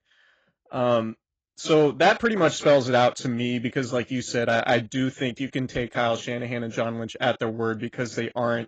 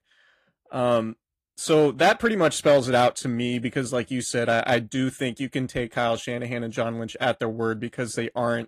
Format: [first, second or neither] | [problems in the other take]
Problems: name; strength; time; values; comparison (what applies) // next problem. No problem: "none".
second | garbled, watery; badly; nothing above 7.5 kHz; slightly in the second